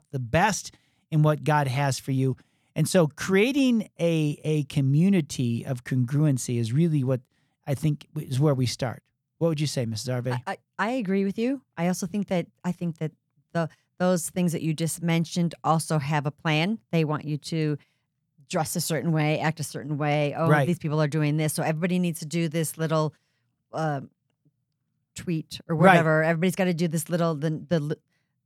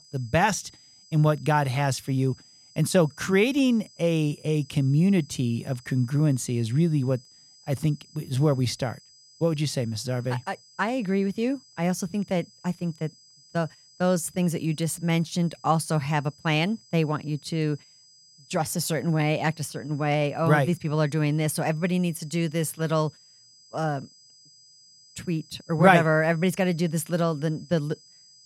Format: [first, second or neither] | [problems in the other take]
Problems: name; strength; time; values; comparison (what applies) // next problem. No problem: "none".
first | high-pitched whine; faint; throughout; 5 kHz, 25 dB below the speech